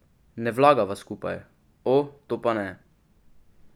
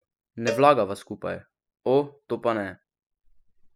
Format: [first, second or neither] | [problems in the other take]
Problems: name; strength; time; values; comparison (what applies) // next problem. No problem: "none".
first | noise reduction (classical method spectral subtraction)